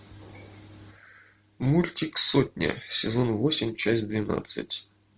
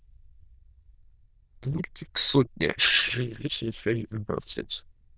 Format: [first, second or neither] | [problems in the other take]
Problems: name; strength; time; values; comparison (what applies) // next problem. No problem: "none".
first | noise reduction (neural diffusion model UNIVERSE++)